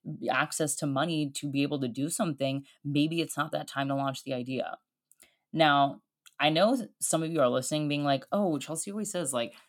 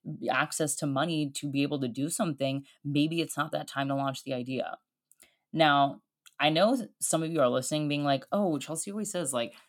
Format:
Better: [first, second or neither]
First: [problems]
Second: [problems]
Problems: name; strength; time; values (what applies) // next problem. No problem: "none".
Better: neither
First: none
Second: none